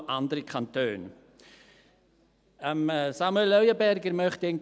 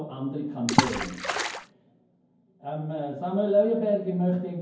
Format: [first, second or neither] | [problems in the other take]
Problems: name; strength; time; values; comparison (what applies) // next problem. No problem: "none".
first | background sound (Water / Splash, splatter); 1 dB above the speech // room echo; dies away in 0.9 s